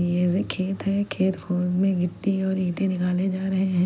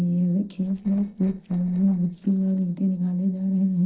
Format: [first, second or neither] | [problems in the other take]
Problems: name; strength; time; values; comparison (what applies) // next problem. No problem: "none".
first | noise reduction (neural separator model SepFormer DNS4)